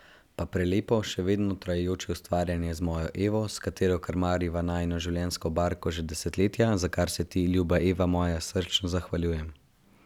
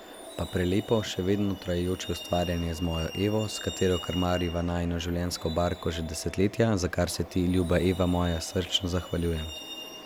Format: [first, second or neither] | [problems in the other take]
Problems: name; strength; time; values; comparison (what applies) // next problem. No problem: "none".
first | background sound (Truck); 14 dB below the speech